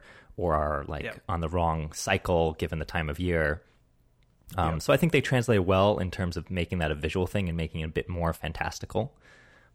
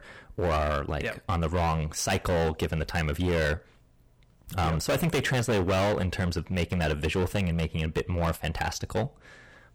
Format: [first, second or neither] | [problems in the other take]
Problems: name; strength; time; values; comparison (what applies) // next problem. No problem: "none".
first | distortion; heavy; 14% of the sound clipped